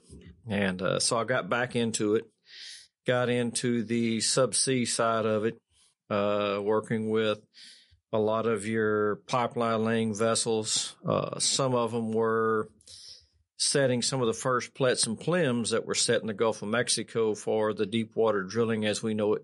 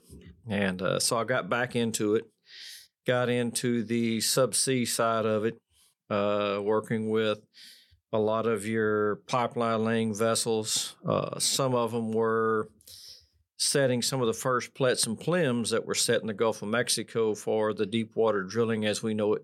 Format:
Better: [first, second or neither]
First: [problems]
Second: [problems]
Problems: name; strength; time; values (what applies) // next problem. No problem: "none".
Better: second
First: garbled, watery; slightly; nothing above 9.5 kHz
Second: none